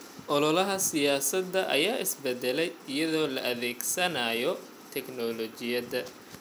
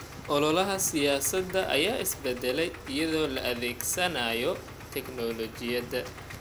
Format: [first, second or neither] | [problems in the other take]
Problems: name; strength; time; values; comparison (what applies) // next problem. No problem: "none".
first | background sound (Idling); 14 dB below the speech